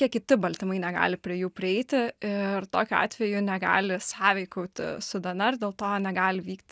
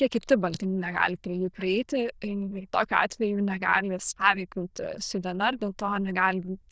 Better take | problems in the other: first | noise reduction (neural diffusion model UNIVERSE++)

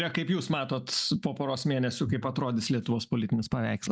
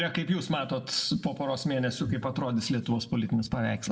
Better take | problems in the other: first | room echo; dies away in 0.8 s

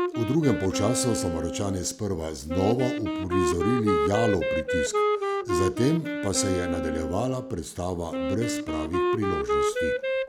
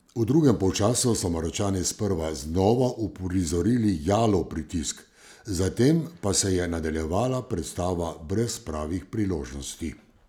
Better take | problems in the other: second | background sound (Wind instrument, woodwind instrument); as loud as the speech

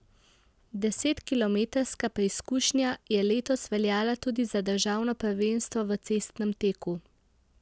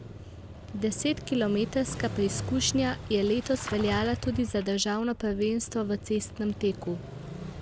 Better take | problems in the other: first | background sound (Engine starting / Motorcycle); 9 dB below the speech

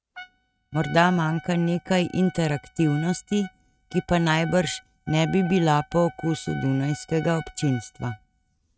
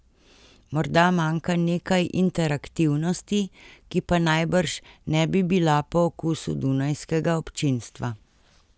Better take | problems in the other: second | noise reduction (neural mask model RNNoise)

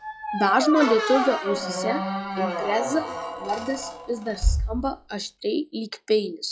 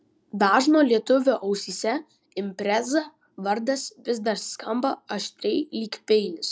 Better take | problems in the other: second | noise reduction (classical method log-MMSE)

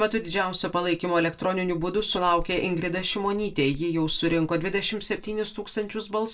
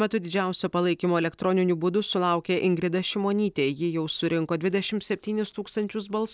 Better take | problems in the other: second | background sound (Bell); 16 dB below the speech // room echo; dies away in 0.2 s

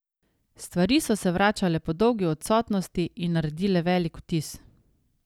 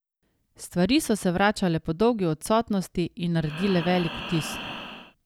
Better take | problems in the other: first | background sound (Breathing); 10 dB below the speech

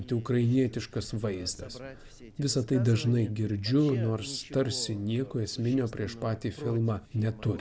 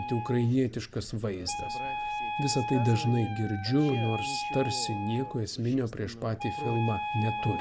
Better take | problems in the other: first | background sound (Wind instrument, woodwind instrument); 6 dB below the speech

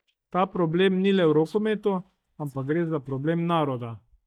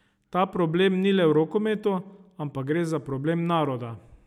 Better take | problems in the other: second | noise reduction (neural mask model DeepFilterNet 3)

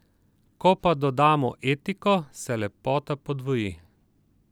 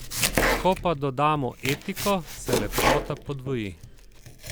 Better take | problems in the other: first | background sound (Domestic sounds, home sounds); 1 dB below the speech

